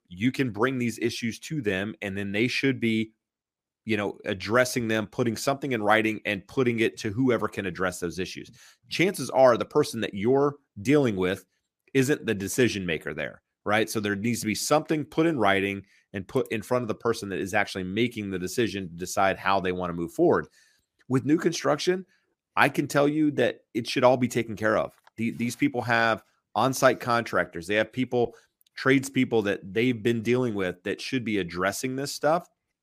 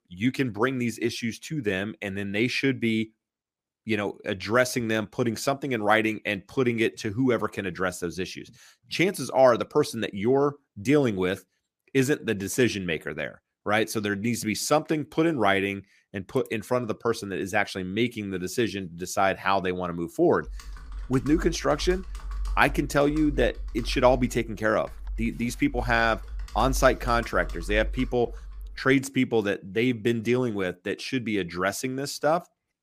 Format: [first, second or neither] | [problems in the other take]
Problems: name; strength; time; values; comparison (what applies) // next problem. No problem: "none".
first | keyboard typing; noticeable; from 20 to 29 s; peak 8 dB below the speech